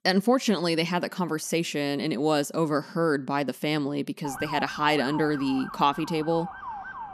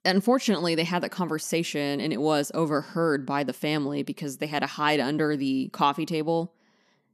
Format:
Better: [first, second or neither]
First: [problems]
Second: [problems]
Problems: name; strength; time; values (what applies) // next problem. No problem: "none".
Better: second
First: siren; noticeable; from 4 s on; peak 7 dB below the speech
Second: none